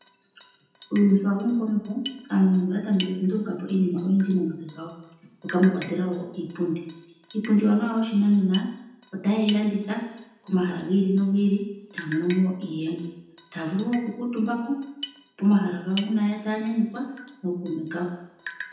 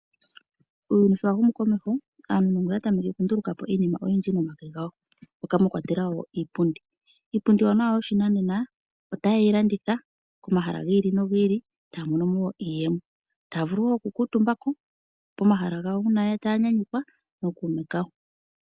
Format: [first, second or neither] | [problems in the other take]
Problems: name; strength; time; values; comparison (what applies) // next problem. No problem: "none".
second | background sound (Drip); 19 dB below the speech // room echo; dies away in 0.9 s